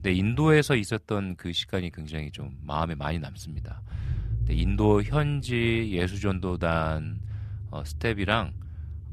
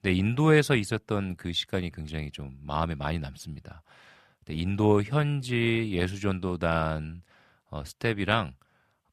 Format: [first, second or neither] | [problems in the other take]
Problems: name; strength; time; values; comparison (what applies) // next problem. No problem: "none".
second | low rumble; faint; throughout; 25 dB below the speech